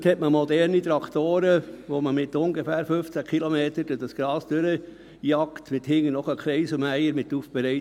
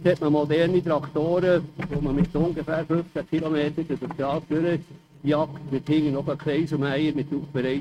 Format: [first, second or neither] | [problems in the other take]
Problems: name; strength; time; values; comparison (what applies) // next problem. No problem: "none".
first | noise reduction (neural mask model RNNoise)